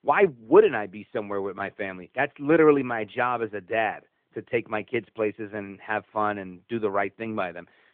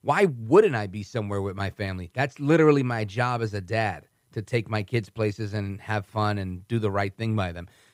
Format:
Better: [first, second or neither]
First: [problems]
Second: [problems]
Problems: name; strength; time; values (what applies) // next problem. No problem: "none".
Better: second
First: phone-call audio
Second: none